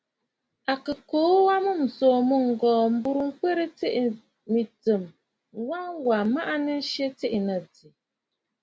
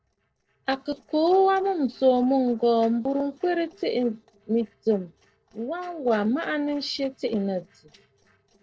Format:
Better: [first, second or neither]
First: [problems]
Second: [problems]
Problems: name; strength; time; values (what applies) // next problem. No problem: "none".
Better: first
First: none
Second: noise reduction (neural separator model SepFormer DNS4)